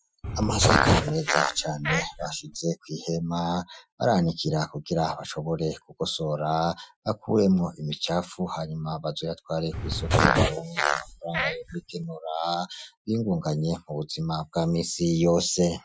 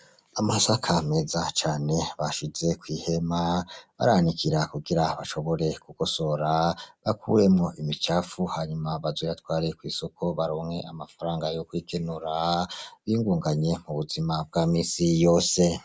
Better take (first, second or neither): second